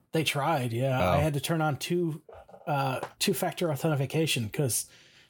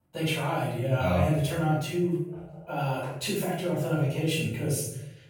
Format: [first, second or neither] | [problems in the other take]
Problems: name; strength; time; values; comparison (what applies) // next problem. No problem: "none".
first | off-mic speech; far // room echo; noticeable; dies away in 0.7 s